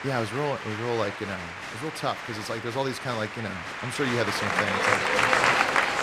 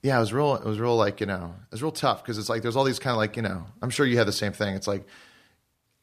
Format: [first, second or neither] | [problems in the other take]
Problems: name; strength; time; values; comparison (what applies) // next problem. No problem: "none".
second | crowd noise; very loud; throughout; 4 dB above the speech